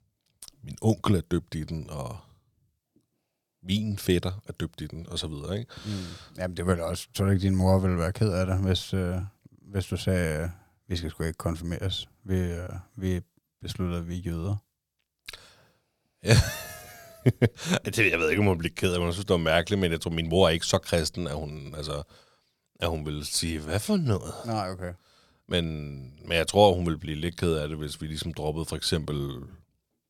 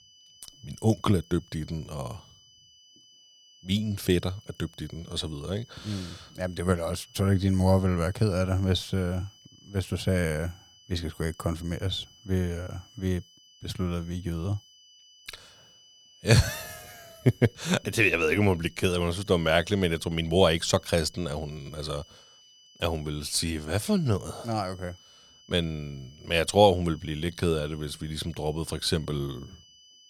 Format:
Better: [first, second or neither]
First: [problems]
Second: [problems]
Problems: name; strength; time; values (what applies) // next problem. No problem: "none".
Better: first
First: none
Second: high-pitched whine; faint; throughout; 3 kHz, 25 dB below the speech